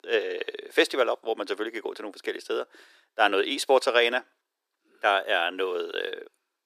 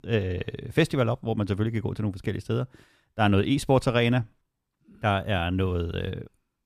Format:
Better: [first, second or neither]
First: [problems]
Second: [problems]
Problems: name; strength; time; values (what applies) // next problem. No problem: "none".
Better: second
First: thin; very; fading below 350 Hz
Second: none